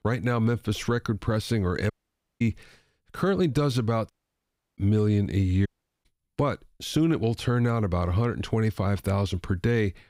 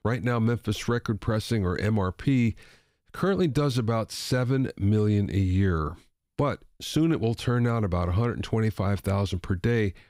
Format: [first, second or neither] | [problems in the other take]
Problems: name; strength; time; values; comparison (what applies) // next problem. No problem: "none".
second | audio cutting out; at 2 s for 0.5 s, at 4 s for 0.5 s and at 5.5 s